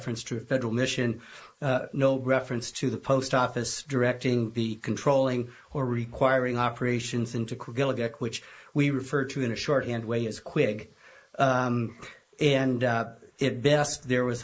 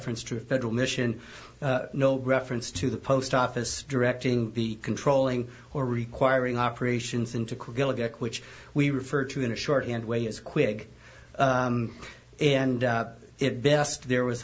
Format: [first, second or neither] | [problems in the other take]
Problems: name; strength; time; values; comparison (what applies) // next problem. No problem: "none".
second | noise reduction (neural mask model Resemble Enhance denoiser)